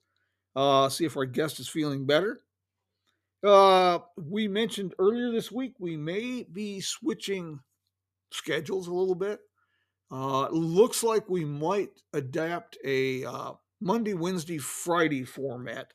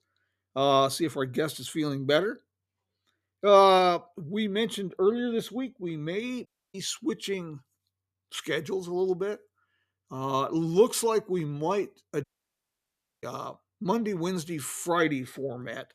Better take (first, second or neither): first